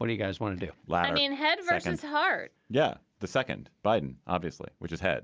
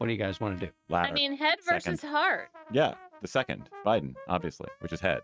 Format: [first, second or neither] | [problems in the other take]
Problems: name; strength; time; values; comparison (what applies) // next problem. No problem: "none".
first | noise reduction (neural mask model RNNoise)